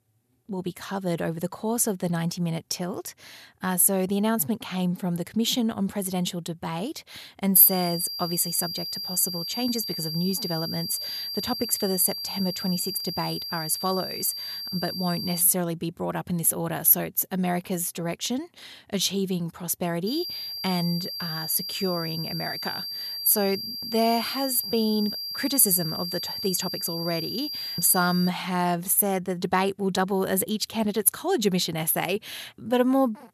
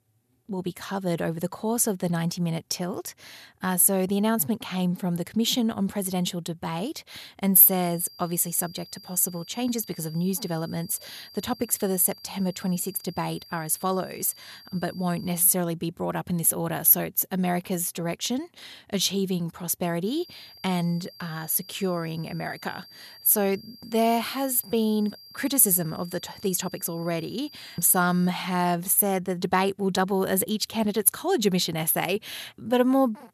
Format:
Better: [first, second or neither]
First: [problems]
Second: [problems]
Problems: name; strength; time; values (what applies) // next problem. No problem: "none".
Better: second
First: high-pitched whine; loud; from 7.5 to 15 s and from 20 to 28 s; 4.5 kHz, 6 dB below the speech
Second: high-pitched whine; faint; from 7.5 to 15 s and from 20 to 28 s; 4.5 kHz, 20 dB below the speech